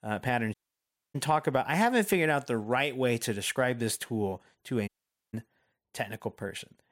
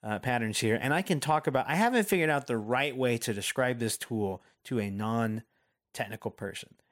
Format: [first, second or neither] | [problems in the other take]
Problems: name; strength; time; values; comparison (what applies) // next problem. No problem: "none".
second | audio cutting out; at 0.5 s for 0.5 s and at 5 s